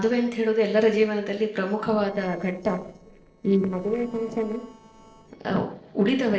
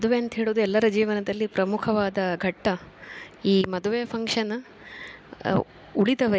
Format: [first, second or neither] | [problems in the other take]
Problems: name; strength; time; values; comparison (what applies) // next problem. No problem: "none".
second | noise reduction (neural separator model SepFormer DNS4)